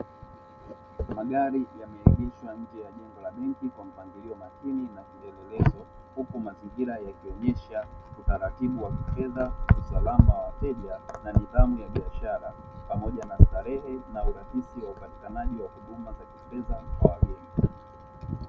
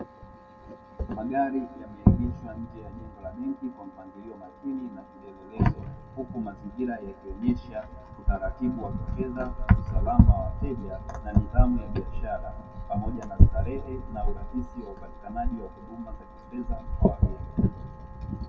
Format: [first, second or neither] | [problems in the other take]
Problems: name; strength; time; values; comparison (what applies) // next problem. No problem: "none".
first | room echo; dies away in 1.2 s